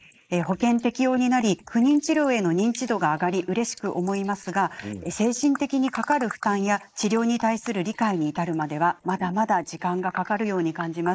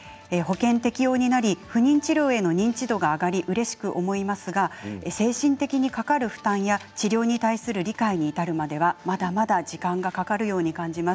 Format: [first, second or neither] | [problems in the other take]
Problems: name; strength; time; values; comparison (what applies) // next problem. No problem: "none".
second | noise reduction (neural mask model Resemble Enhance denoiser)